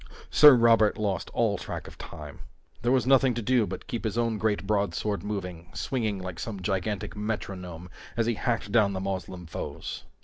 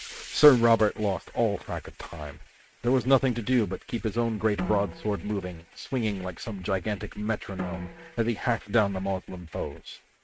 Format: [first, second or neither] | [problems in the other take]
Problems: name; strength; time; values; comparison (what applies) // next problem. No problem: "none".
first | noise reduction (neural mask model RNNoise)